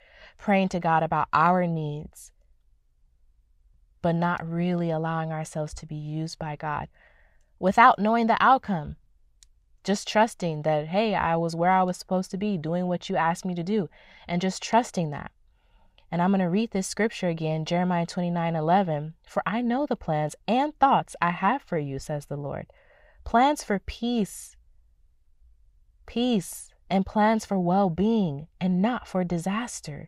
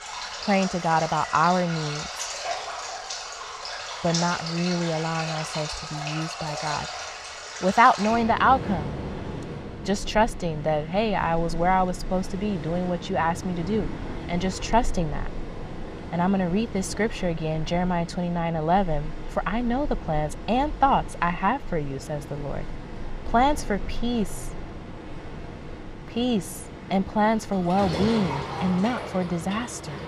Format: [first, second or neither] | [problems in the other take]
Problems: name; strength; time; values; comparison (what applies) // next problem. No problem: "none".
first | rain or running water; loud; throughout; 9 dB below the speech